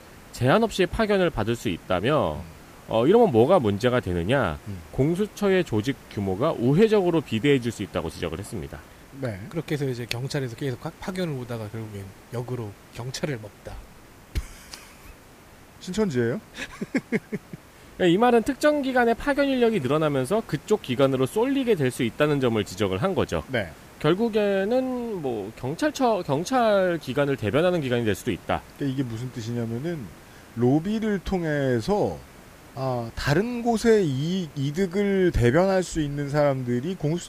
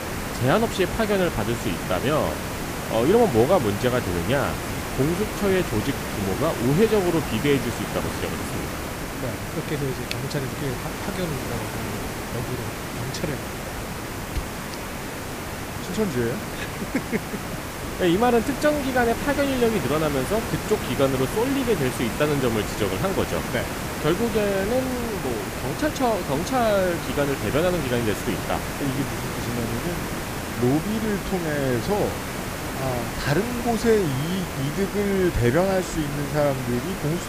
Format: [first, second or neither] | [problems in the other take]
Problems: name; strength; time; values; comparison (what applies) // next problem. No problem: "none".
first | hiss; loud; throughout; 5 dB below the speech; faint in the first